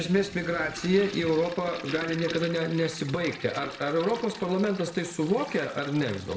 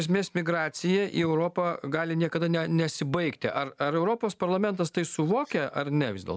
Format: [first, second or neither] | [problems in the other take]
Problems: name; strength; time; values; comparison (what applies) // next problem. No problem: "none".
second | background sound (Toilet flush); 14 dB below the speech // room echo; dies away in 0.7 s